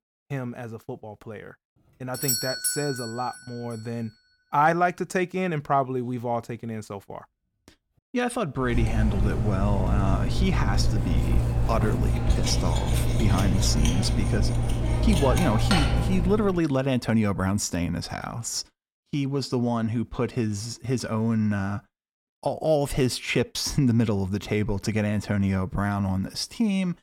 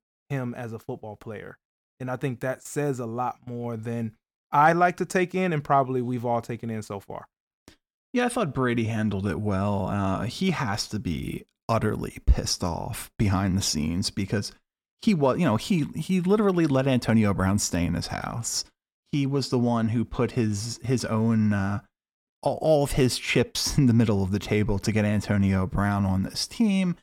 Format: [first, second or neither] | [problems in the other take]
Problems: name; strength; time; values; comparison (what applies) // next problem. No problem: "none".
second | doorbell; loud; at 2 s; peak 2 dB above the speech // clattering dishes; loud; from 8.5 to 17 s; peak 3 dB above the speech